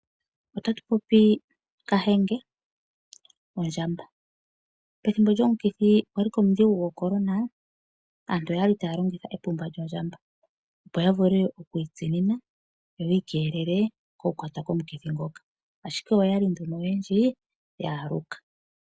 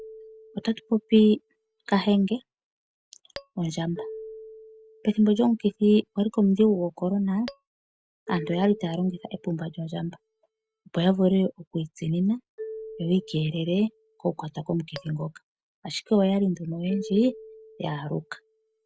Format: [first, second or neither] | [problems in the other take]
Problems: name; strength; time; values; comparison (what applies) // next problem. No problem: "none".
first | background sound (Marimba, xylophone + Tap / Glass); 19 dB below the speech